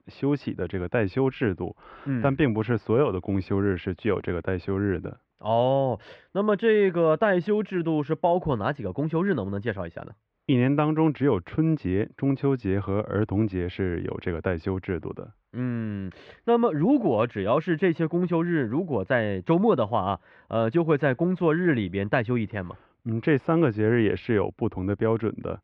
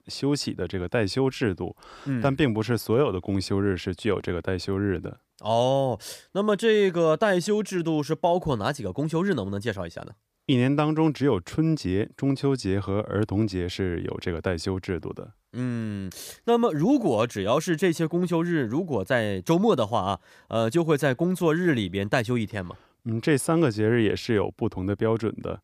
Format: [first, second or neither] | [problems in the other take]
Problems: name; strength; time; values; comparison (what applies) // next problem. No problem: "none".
second | muffled; very; fading above 2.5 kHz